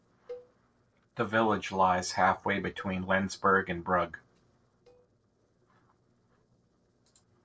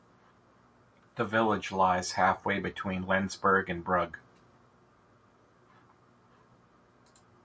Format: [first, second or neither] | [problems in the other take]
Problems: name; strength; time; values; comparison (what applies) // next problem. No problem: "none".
second | noise reduction (neural separator model SepFormer DNS4)